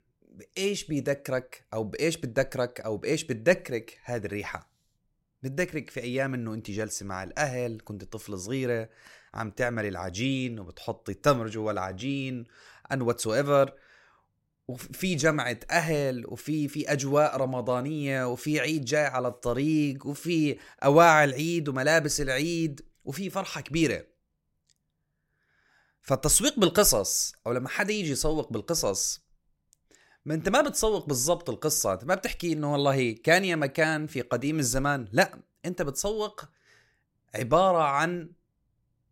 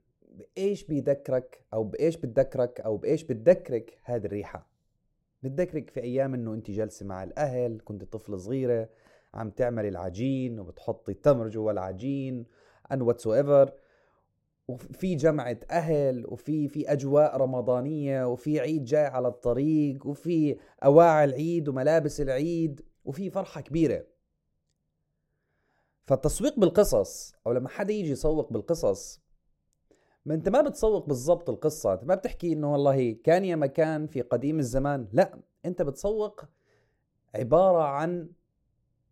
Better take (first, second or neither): first